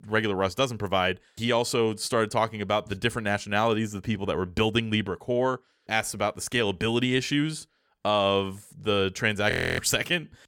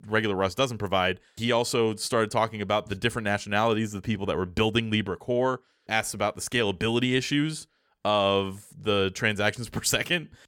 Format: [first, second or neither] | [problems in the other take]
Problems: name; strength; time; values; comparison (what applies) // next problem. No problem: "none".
second | audio freezing; at 9.5 s